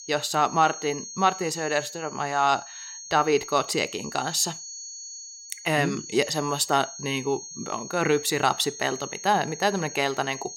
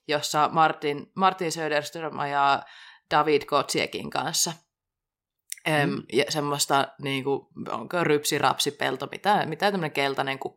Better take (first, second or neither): second